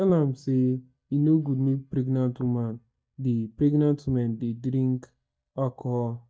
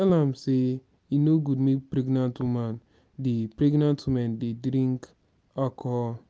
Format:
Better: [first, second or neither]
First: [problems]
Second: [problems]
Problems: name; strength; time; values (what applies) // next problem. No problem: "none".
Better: second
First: noise reduction (neural mask model DeepFilterNet 3)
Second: none